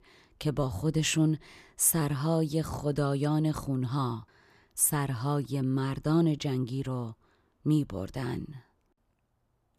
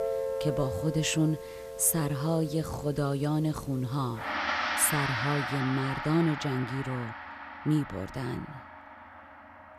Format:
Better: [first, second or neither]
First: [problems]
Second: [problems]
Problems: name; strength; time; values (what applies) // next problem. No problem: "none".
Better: first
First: none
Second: background music; loud; throughout; 5 dB below the speech